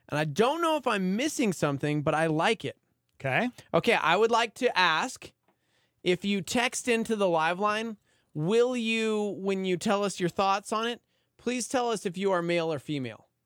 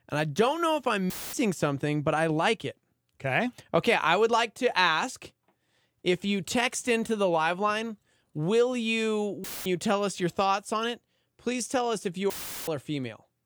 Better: first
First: none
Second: audio cutting out; filled with static; at 1 s, at 9.5 s and at 12 s

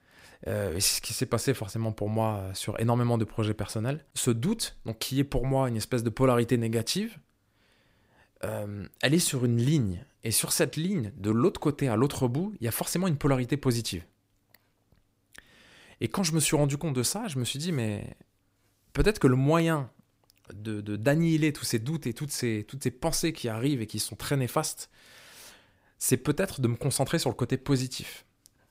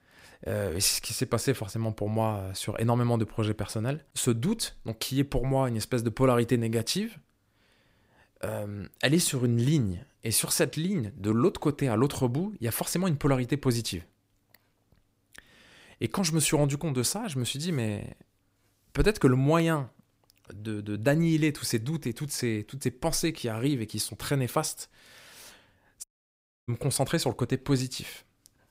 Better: first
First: none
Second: audio cutting out; at 26 s for 0.5 s

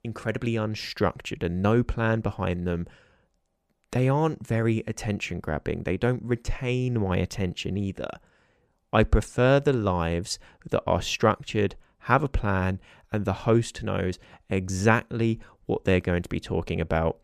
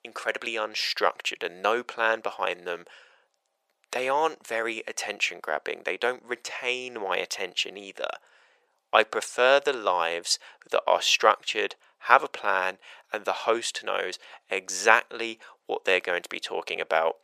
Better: first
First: none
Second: thin; very; fading below 550 Hz

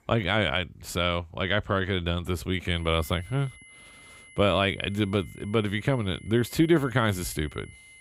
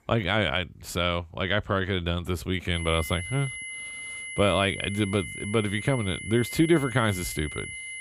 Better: first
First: high-pitched whine; faint; from 2.5 s on; 2 kHz, 25 dB below the speech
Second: high-pitched whine; loud; from 2.5 s on; 2 kHz, 9 dB below the speech

